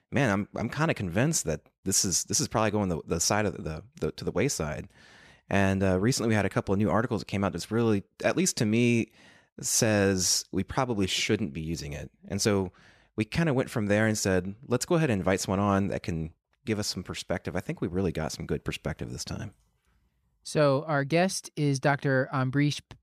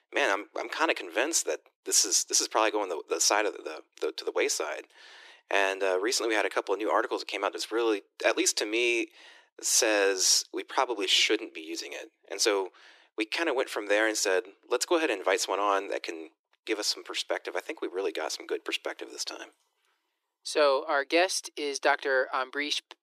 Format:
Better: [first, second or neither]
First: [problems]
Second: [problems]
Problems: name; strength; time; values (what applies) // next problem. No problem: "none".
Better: first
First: none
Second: thin; very; fading below 300 Hz